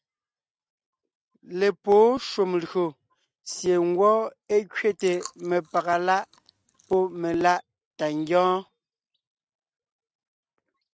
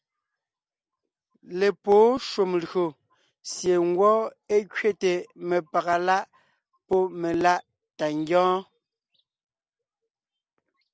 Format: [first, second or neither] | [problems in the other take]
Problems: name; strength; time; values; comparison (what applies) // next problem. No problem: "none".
second | noise reduction (neural mask model RNNoise)